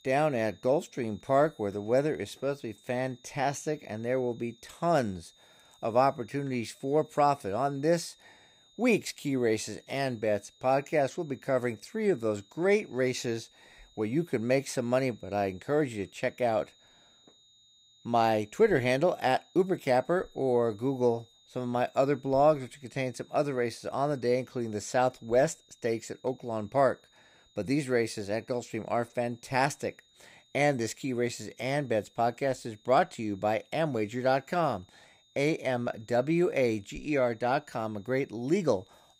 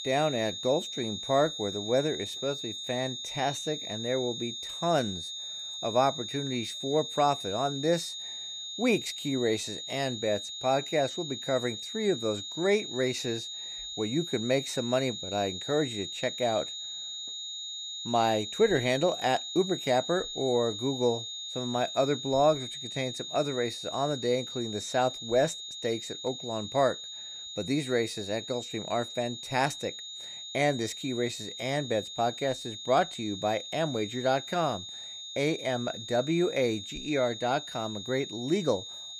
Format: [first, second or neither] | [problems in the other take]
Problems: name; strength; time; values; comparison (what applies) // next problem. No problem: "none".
first | high-pitched whine; loud; throughout; 3.5 kHz, 6 dB below the speech; faint in the first